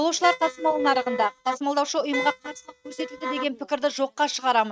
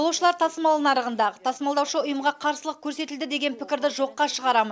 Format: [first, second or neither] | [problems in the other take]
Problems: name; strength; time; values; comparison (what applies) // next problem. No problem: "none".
second | noise reduction (neural mask model RNNoise)